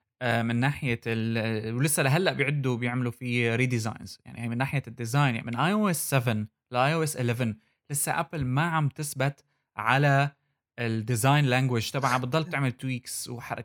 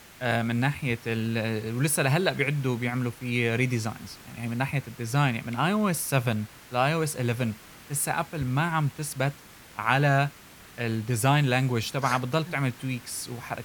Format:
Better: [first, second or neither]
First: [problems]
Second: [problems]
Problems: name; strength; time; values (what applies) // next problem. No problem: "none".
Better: first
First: none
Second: hiss; faint; throughout; 20 dB below the speech